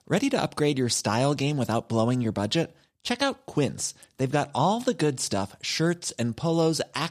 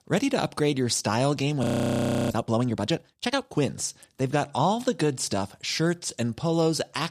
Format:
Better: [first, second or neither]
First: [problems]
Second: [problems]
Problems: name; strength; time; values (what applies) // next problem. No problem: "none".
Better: first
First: none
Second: audio freezing; at 1.5 s for 0.5 s